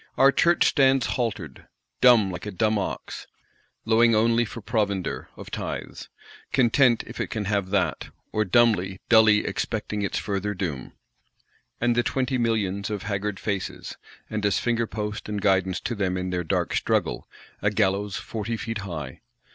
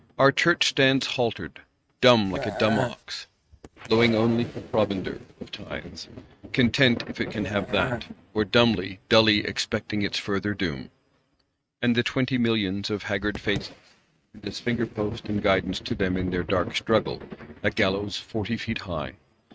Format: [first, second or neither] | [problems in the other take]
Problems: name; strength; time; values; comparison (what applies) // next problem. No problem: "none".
first | noise reduction (neural mask model RNNoise)